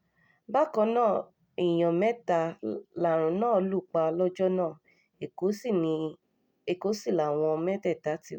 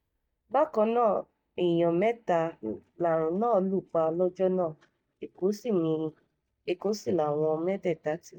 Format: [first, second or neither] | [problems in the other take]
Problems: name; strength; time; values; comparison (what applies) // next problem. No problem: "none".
first | noise reduction (neural mask model DeepFilterNet 3)